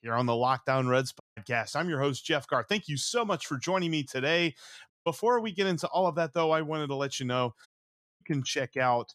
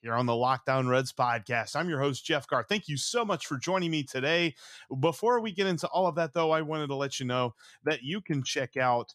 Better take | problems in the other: second | audio cutting out; at 1 s, at 5 s and at 7.5 s for 0.5 s

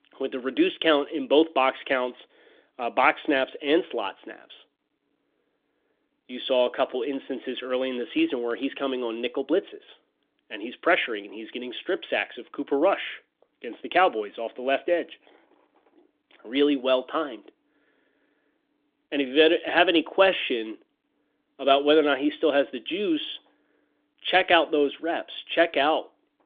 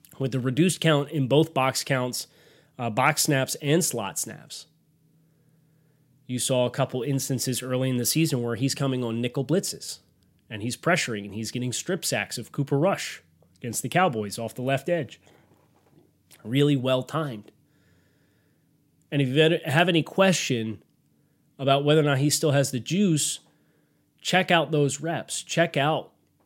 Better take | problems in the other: second | phone-call audio; nothing above 3.5 kHz

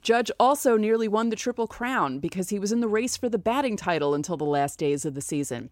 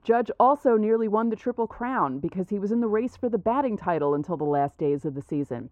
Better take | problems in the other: first | muffled; very; fading above 2.5 kHz

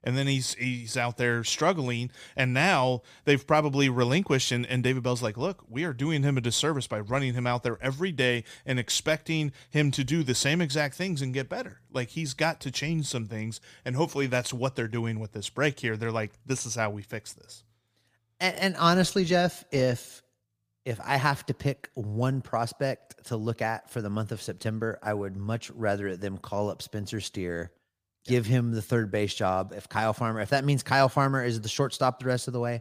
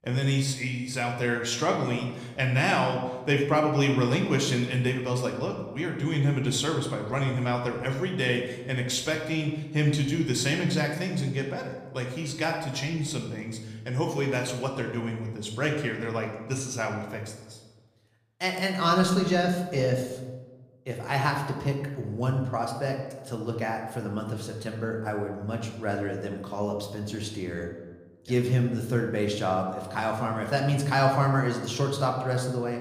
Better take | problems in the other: first | room echo; slight; dies away in 1 s

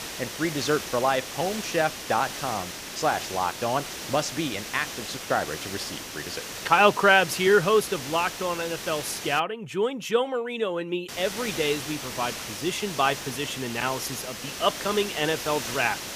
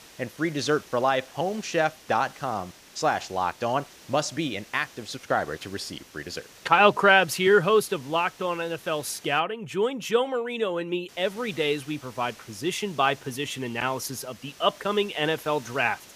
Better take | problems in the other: second | hiss; loud; until 9.5 s and from 11 s on; 8 dB below the speech; faint in the second

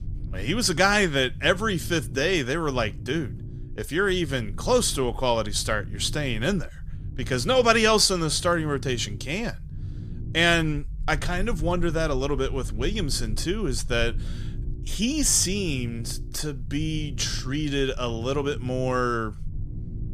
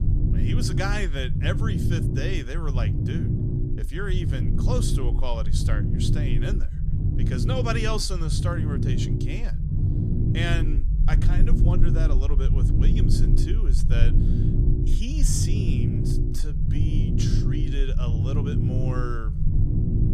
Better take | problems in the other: first | low rumble; loud; throughout; 2 dB below the speech; faint in the first

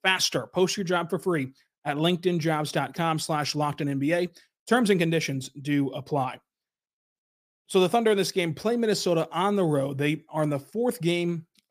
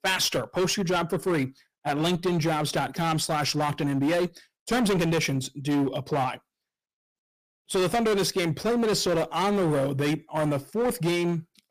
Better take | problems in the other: first | distortion; heavy; 17% of the sound clipped

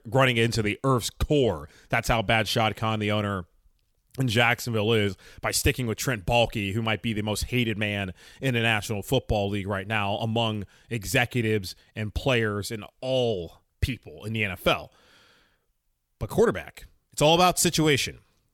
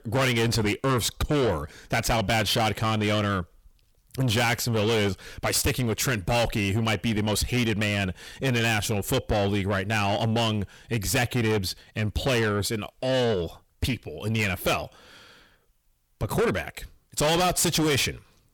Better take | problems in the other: first | distortion; heavy; 6 dB below the speech

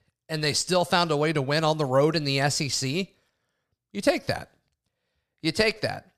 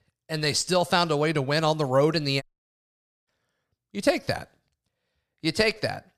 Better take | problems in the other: first | audio cutting out; at 2.5 s for 1 s

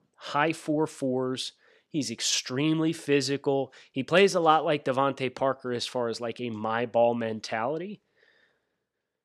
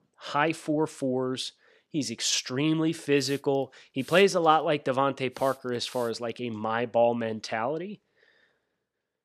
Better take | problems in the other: first | hiss; very faint; from 3 to 7 s; 20 dB below the speech

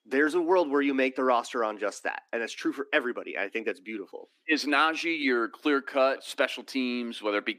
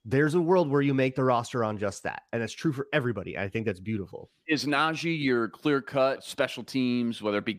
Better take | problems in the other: second | thin; very slightly; fading below 250 Hz

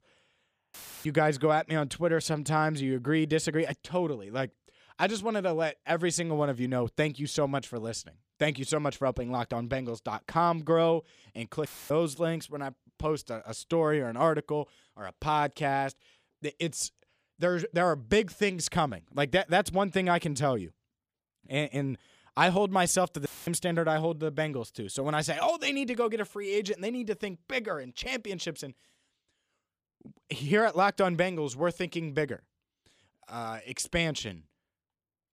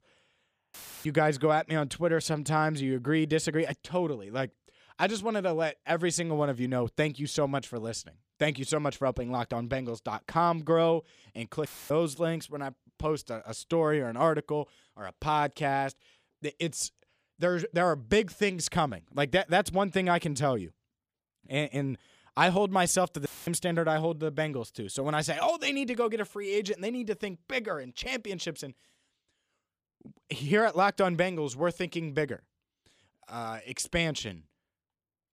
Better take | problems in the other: neither | audio cutting out; filled with static; at 0.5 s, at 12 s and at 23 s; the same in both

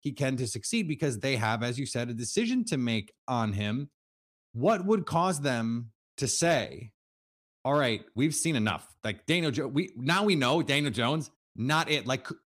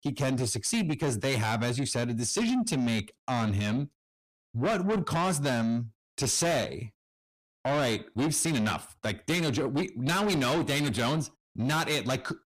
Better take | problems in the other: first | distortion; heavy; 6 dB below the speech

